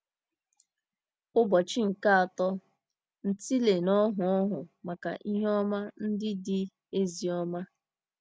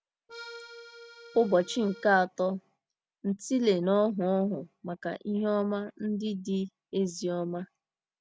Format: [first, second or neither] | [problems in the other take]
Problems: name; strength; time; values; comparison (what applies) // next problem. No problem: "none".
first | background sound (Accordion); 18 dB below the speech